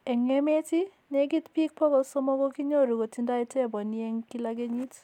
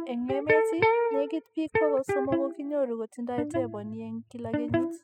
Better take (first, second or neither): first